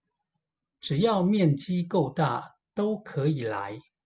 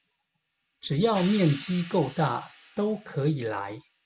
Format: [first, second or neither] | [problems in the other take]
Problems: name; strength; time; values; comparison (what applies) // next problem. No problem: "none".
first | background sound (Hi-hat); 19 dB below the speech